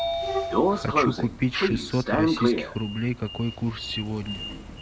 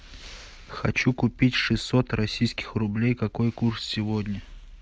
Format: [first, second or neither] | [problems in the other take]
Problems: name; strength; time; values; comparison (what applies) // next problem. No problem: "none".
second | background sound (Sliding door); 2 dB above the speech